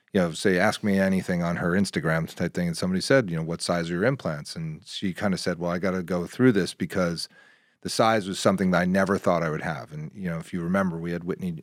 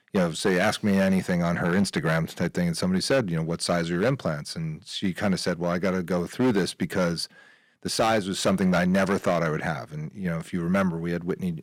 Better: first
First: none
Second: distortion; slight; 5% of the sound clipped

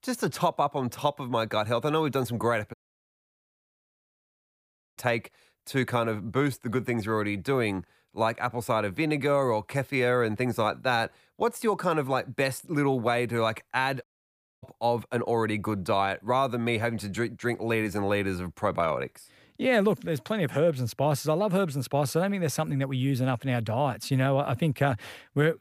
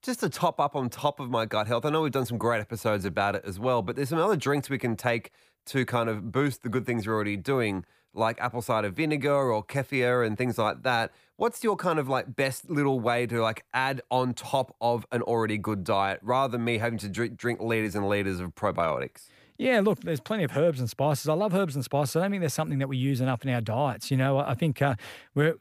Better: second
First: audio cutting out; at 2.5 s for 2 s and at 14 s for 0.5 s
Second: none

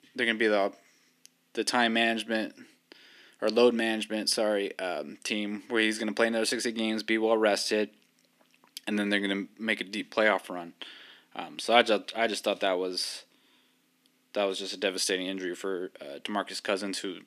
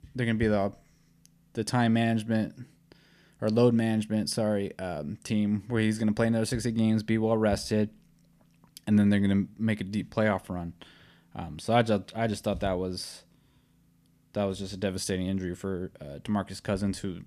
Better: second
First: thin; somewhat; fading below 300 Hz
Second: none

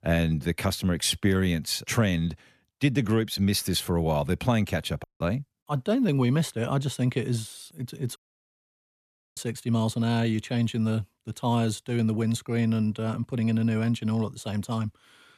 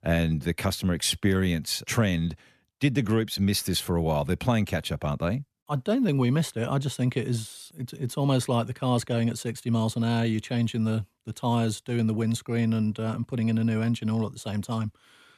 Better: second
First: audio cutting out; at 5 s and at 8 s for 1 s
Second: none

